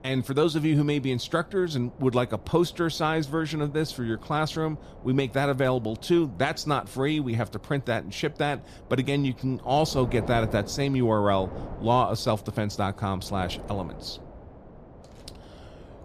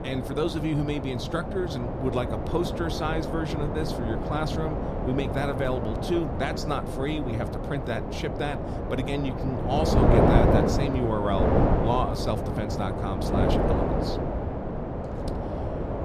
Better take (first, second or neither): first